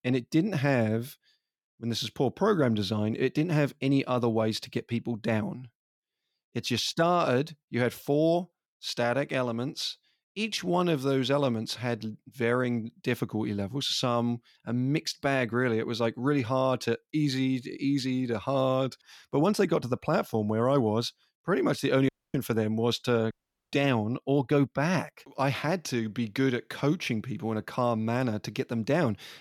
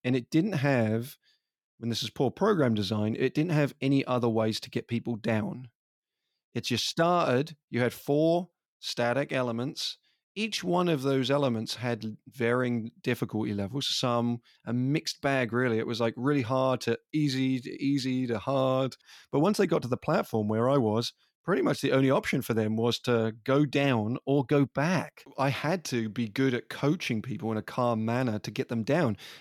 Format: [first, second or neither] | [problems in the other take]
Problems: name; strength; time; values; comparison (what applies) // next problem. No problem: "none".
second | audio cutting out; at 22 s and at 23 s